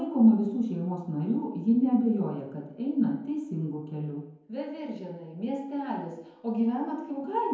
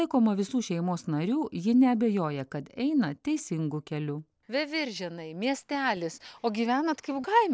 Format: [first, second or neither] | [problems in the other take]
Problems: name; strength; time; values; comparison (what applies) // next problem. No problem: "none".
second | room echo; dies away in 0.9 s